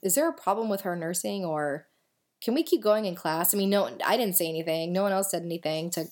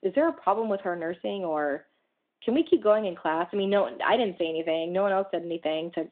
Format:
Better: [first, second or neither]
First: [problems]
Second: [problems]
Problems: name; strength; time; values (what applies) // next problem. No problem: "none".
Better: first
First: none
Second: phone-call audio